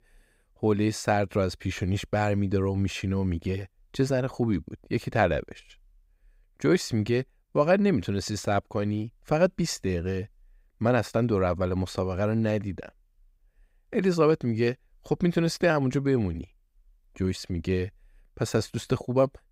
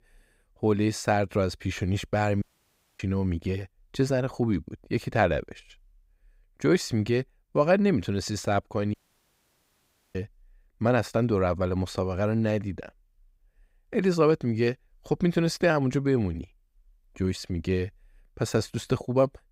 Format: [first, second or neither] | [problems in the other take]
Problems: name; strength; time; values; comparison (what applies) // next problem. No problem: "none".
first | audio cutting out; at 2.5 s for 0.5 s and at 9 s for 1 s